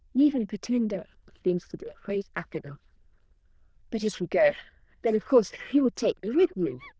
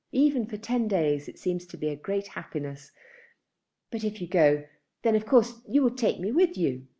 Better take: second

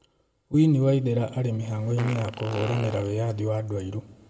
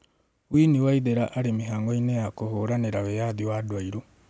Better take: second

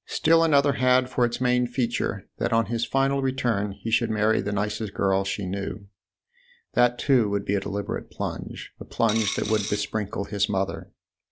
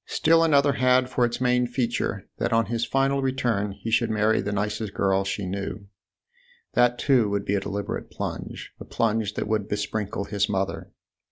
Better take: second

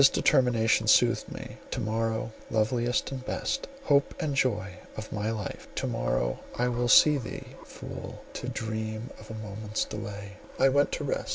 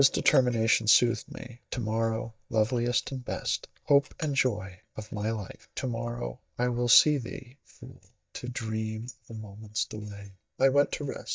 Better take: first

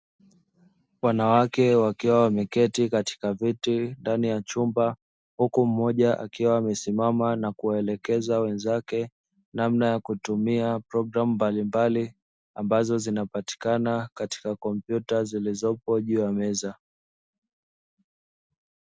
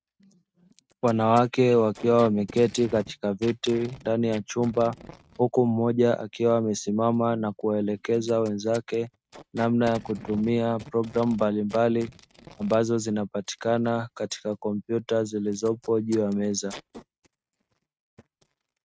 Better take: first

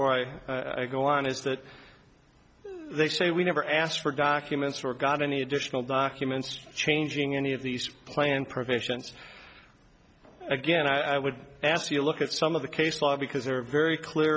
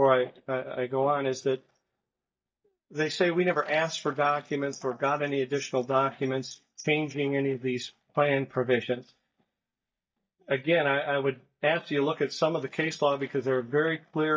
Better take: first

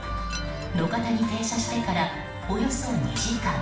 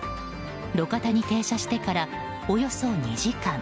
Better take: second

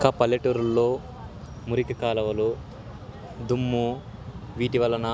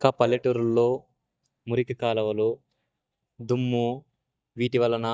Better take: first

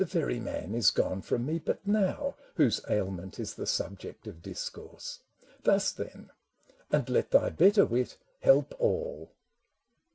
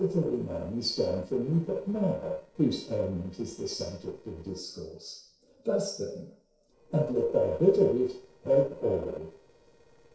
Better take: first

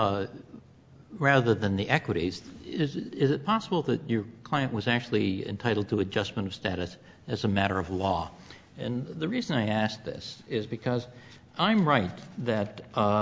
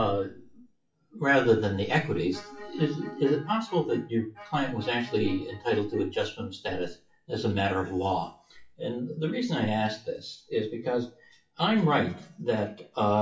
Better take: first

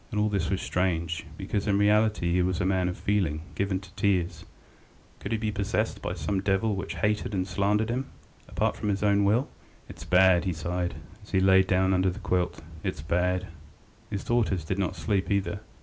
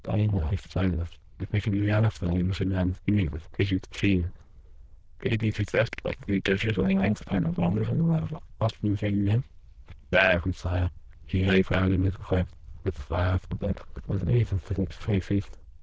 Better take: first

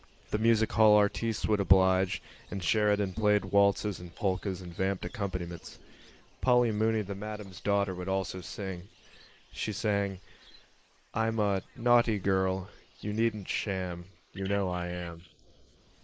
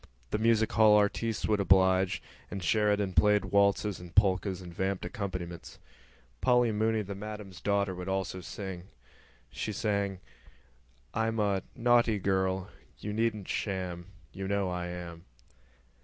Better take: second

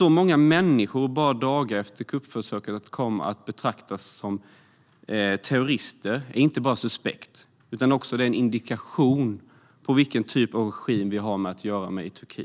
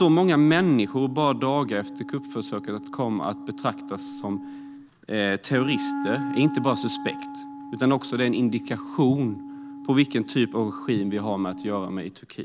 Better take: first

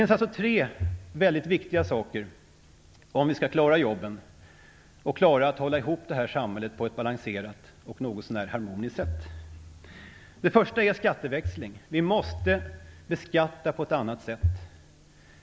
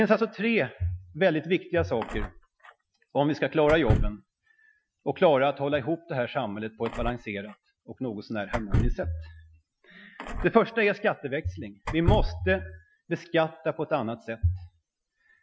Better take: first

